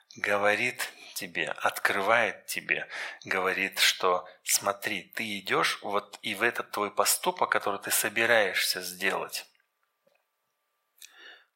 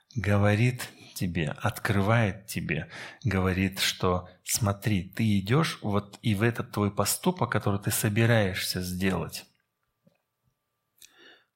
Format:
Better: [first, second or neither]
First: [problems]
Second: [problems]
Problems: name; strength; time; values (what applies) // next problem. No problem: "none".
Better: second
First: thin; very; fading below 600 Hz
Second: none